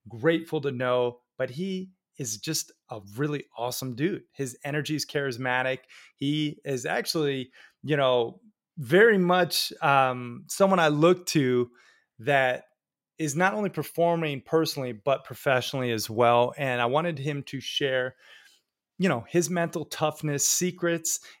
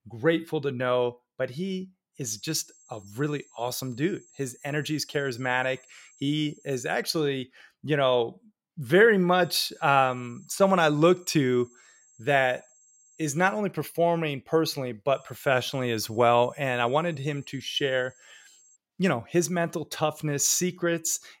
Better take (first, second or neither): first